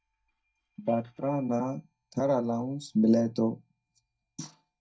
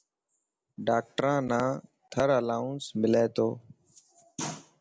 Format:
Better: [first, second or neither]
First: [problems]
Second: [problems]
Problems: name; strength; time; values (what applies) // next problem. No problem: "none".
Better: second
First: noise reduction (neural mask model DeepFilterNet 3)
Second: none